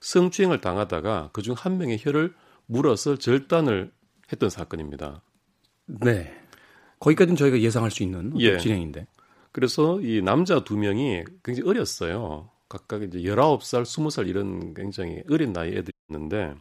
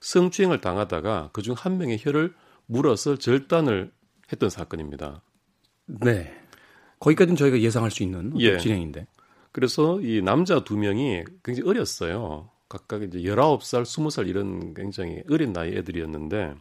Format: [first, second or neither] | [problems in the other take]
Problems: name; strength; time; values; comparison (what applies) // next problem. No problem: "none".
second | audio cutting out; at 16 s